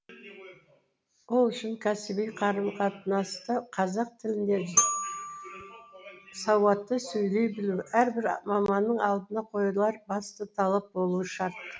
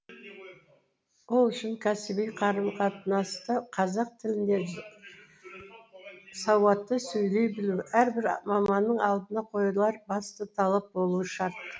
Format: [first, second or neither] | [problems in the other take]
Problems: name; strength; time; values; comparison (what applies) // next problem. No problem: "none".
second | background sound (Glockenspiel); 4 dB below the speech